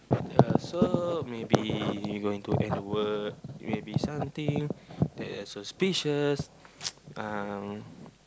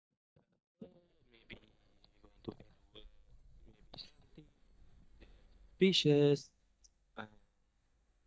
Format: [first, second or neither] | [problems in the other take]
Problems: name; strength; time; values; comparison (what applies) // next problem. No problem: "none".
first | noise reduction (neural mask model DeepFilterNet 3)